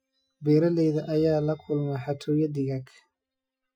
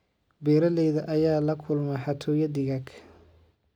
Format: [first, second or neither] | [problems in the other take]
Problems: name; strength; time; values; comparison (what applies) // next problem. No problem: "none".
second | noise reduction (classical method Wiener filter)